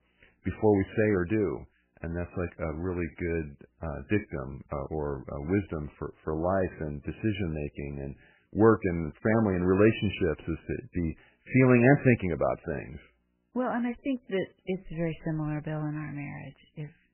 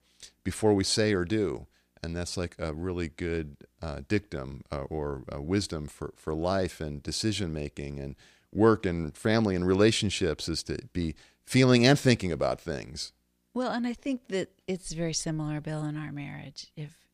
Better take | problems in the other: second | garbled, watery; badly; nothing above 3 kHz

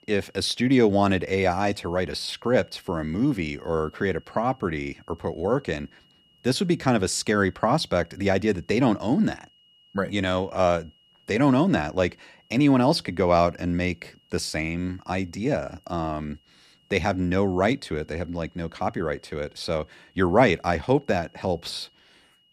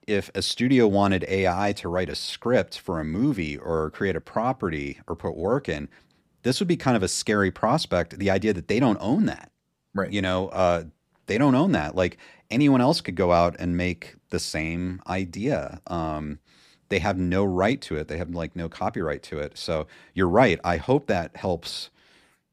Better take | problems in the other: second | high-pitched whine; faint; throughout; 3 kHz, 35 dB below the speech

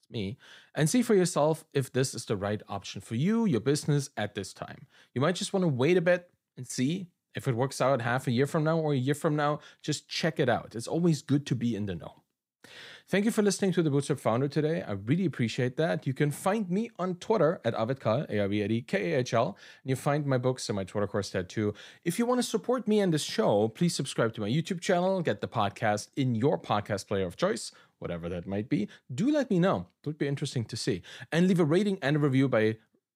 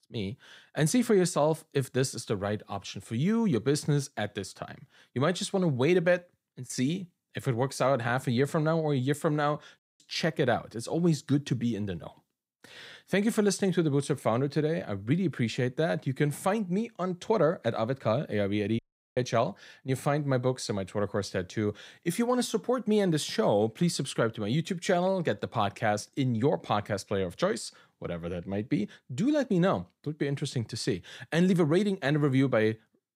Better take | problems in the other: first | audio cutting out; at 10 s and at 19 s

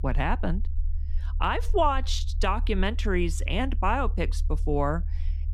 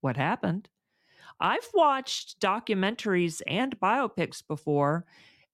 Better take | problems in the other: second | low rumble; faint; throughout; 25 dB below the speech

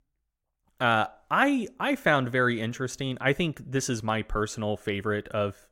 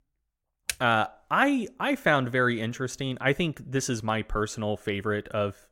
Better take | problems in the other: first | keyboard typing; very faint; at 0.5 s; peak 7 dB below the speech

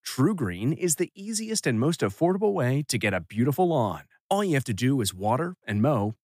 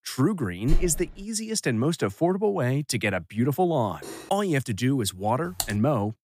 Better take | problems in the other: first | door banging; noticeable; at 0.5 s; peak 6 dB below the speech // clattering dishes; faint; at 4 s; peak 15 dB below the speech // keyboard typing; noticeable; at 5.5 s; peak 6 dB below the speech

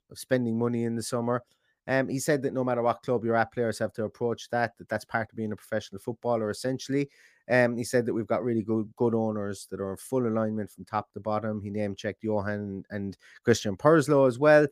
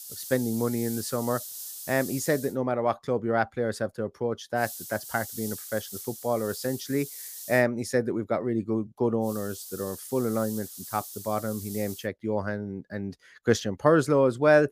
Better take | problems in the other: first | hiss; noticeable; until 2.5 s, from 4.5 to 7.5 s and from 9.5 to 12 s; 10 dB below the speech

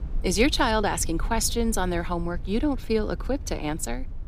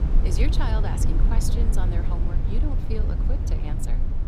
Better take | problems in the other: first | low rumble; loud; throughout; 2 dB below the speech; faint in the first

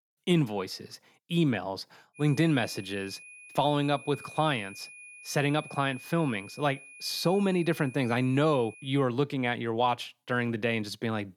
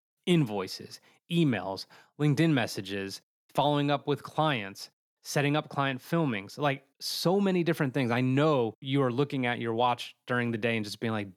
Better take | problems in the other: second | high-pitched whine; noticeable; from 2 to 9 s; 2.5 kHz, 15 dB below the speech

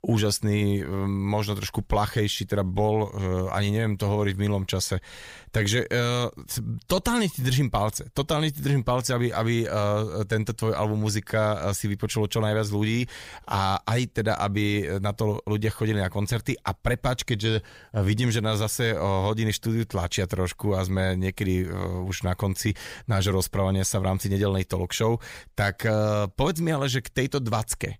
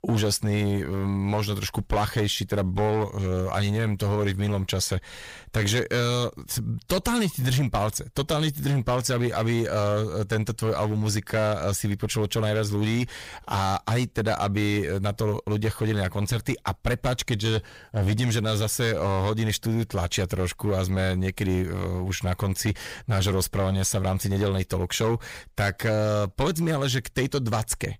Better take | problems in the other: first | distortion; slight; 9% of the sound clipped

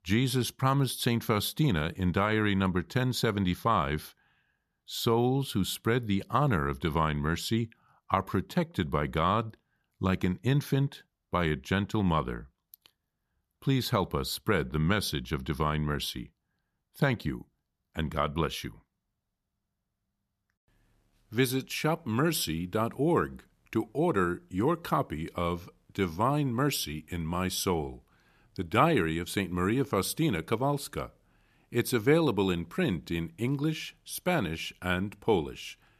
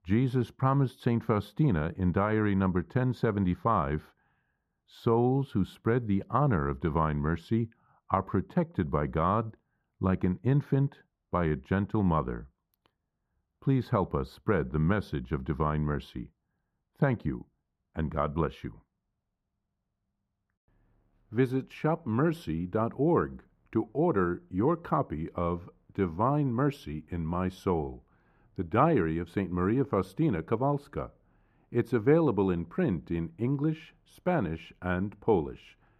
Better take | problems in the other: first | muffled; very; fading above 2.5 kHz

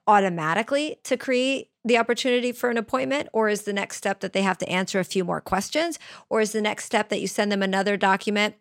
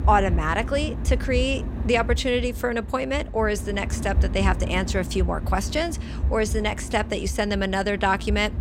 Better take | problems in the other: first | wind noise on the microphone; occasional gusts; 15 dB below the speech

